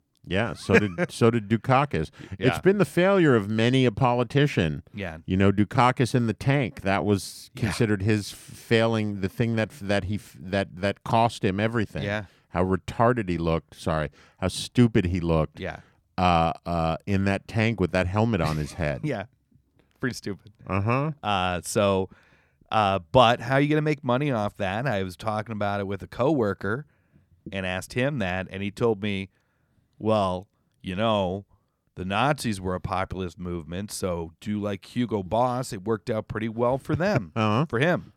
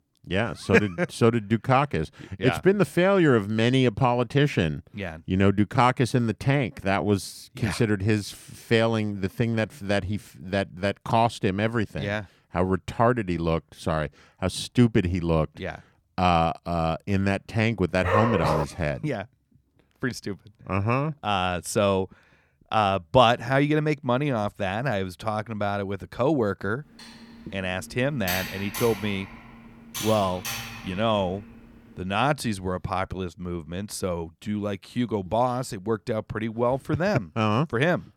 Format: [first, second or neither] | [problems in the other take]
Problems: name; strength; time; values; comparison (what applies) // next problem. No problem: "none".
first | dog barking; loud; at 18 s; peak 1 dB above the speech // keyboard typing; noticeable; from 27 to 32 s; peak 4 dB below the speech